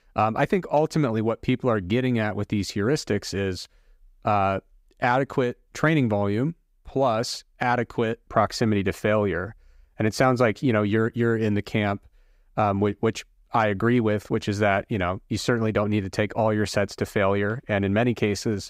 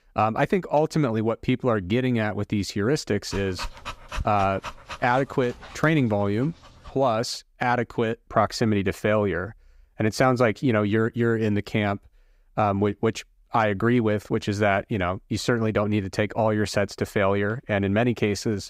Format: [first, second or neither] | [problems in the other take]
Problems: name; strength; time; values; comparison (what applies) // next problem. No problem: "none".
first | dog barking; noticeable; from 3.5 to 6 s; peak 10 dB below the speech